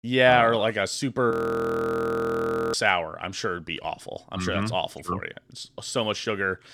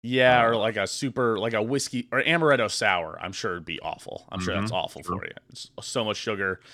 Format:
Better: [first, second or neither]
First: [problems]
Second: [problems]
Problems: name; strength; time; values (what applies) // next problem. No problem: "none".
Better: second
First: audio freezing; at 1.5 s for 1.5 s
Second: none